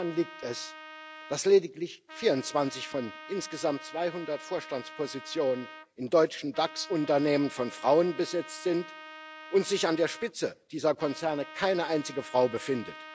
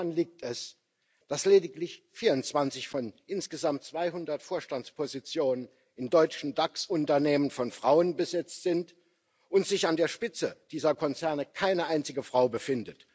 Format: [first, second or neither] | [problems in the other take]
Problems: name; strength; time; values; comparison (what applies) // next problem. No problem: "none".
second | background sound (Trumpet); 16 dB below the speech